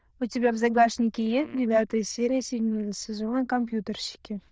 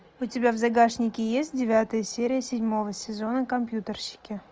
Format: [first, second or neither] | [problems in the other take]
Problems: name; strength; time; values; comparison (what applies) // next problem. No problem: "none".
second | noise reduction (neural diffusion model UNIVERSE++)